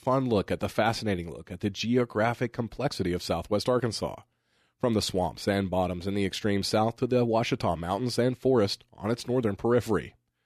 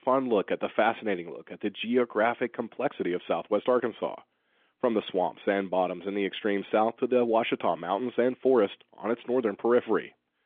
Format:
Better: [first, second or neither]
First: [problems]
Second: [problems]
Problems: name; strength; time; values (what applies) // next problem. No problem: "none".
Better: first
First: none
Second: phone-call audio; nothing above 3.5 kHz